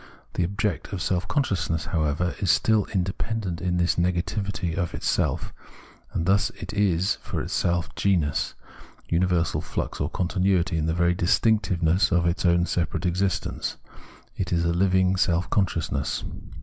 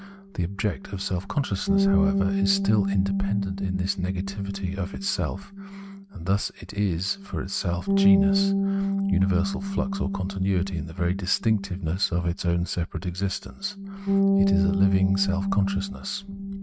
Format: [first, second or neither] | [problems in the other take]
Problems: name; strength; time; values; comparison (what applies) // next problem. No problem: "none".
first | noise reduction (neural mask model RNNoise)